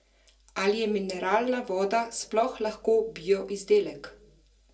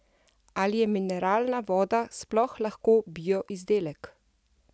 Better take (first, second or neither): second